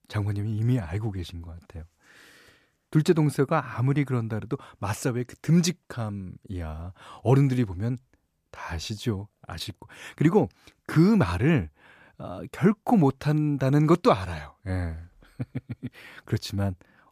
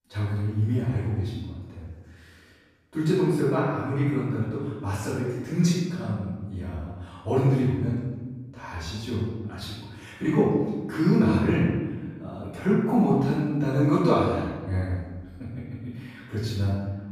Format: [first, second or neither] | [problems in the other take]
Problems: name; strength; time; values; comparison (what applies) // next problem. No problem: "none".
first | off-mic speech; far // room echo; strong; dies away in 1.2 s